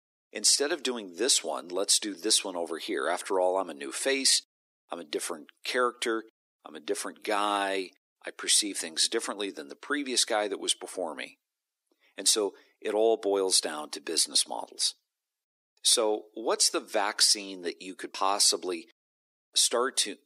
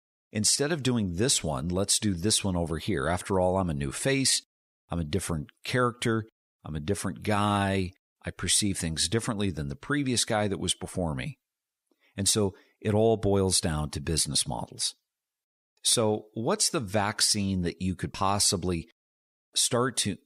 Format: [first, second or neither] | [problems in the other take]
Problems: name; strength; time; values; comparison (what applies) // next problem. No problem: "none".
second | thin; somewhat; fading below 300 Hz